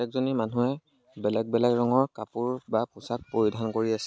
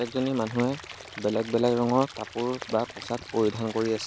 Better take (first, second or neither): first